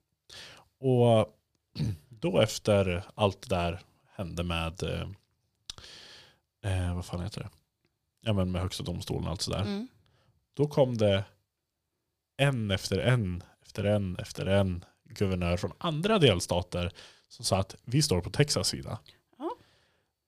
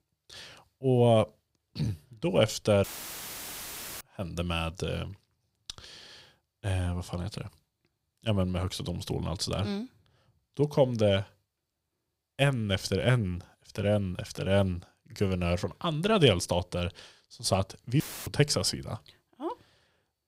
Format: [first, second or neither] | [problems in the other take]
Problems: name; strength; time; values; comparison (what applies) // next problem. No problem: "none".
first | audio cutting out; filled with static; at 3 s for 1 s and at 18 s